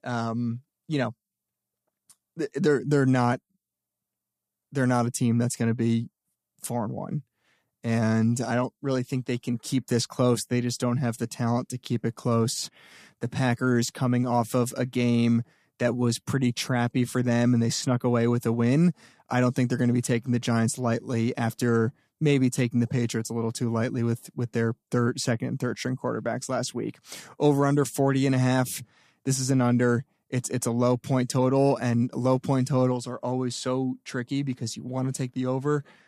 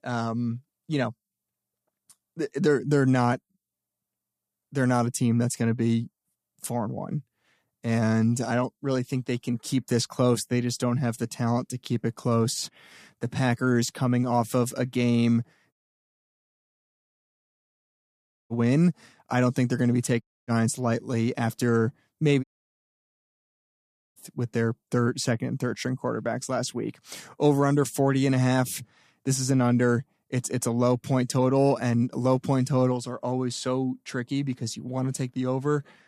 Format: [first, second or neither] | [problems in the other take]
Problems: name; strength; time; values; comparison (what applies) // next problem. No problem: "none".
first | audio cutting out; at 16 s for 3 s, at 20 s and at 22 s for 1.5 s